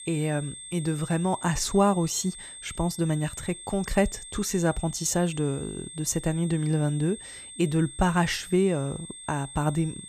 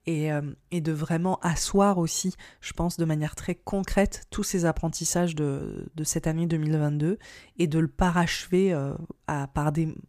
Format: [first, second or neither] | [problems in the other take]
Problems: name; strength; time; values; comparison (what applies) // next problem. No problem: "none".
second | high-pitched whine; noticeable; throughout; 8.5 kHz, 15 dB below the speech